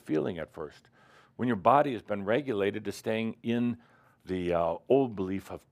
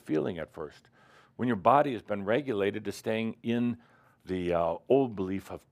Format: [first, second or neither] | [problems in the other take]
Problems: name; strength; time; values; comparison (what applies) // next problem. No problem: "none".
neither | none